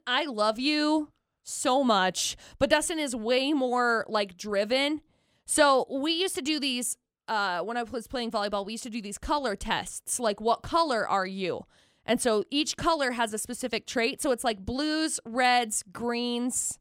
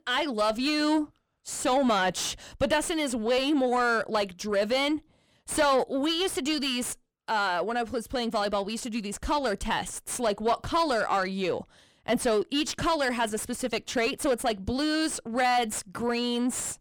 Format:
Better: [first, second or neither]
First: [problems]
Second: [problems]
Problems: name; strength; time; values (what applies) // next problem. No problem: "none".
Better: first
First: none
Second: distortion; slight; 9 dB below the speech